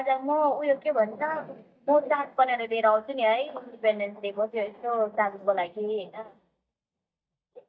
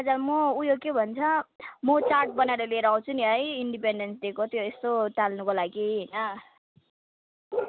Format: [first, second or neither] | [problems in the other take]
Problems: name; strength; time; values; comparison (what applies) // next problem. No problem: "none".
second | noise reduction (neural mask model DeepFilterNet 3)